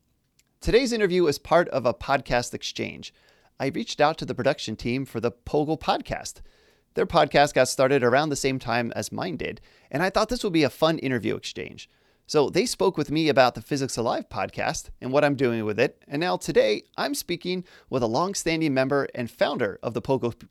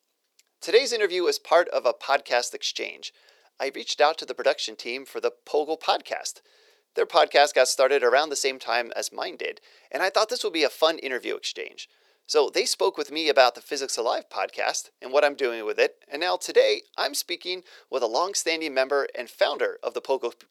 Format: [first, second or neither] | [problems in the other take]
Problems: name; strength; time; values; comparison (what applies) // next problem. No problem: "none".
first | thin; very; fading below 450 Hz